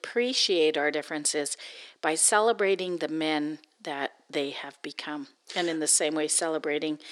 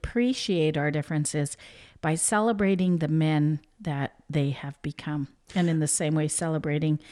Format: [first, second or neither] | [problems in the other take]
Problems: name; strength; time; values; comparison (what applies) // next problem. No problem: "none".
second | thin; very; fading below 350 Hz